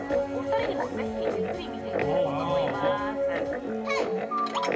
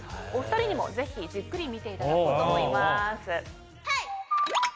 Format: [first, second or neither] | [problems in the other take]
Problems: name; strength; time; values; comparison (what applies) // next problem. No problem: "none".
second | background sound (Guitar); 5 dB above the speech // room echo; dies away in 1.5 s